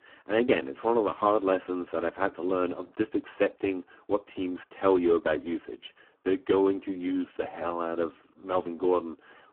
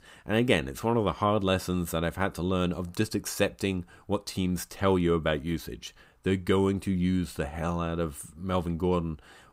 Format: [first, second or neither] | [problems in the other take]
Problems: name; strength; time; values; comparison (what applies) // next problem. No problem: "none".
second | phone-call audio; poor line